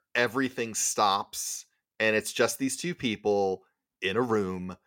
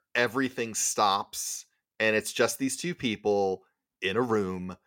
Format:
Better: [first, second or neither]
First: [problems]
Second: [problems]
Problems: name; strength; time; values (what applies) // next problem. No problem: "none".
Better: neither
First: none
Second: none